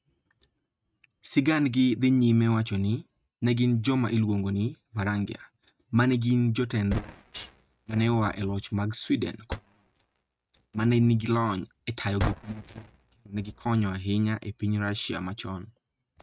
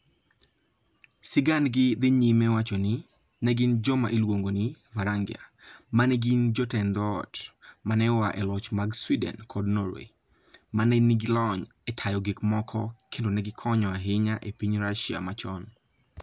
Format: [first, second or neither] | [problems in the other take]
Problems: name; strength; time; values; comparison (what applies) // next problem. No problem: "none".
second | noise reduction (neural mask model RNNoise)